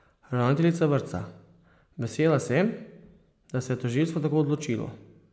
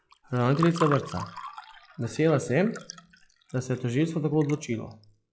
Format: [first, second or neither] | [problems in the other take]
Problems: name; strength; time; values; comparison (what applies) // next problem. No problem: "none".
first | noise reduction (classical method log-MMSE)